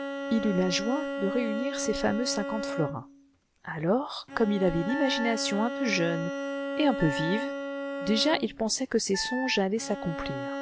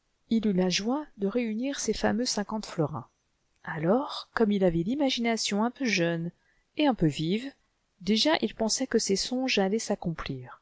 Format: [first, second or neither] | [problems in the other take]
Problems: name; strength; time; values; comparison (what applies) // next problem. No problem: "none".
second | background sound (Wind instrument, woodwind instrument + Bowed string instrument); 5 dB below the speech